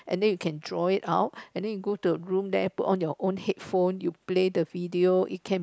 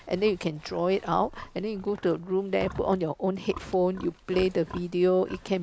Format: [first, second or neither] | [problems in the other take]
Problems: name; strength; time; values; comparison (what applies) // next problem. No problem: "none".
first | background sound (Livestock, farm animals, working animals); 17 dB below the speech